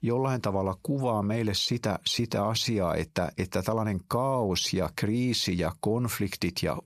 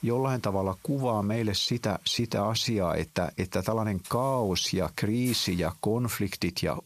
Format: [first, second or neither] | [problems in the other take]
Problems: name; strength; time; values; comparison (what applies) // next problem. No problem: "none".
first | hiss; faint; throughout; 20 dB below the speech